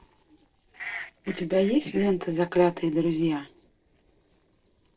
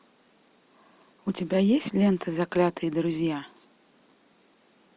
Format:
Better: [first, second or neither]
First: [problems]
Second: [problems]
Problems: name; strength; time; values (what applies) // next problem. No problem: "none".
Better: second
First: noise reduction (neural separator model SepFormer DNS4)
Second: none